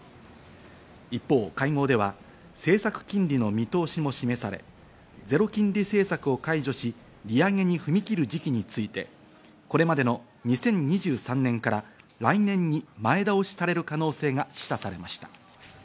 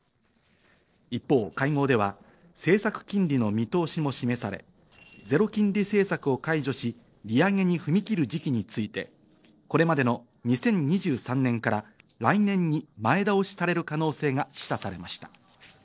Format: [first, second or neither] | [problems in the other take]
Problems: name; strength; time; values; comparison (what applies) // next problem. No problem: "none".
first | noise reduction (neural separator model SepFormer DNS4)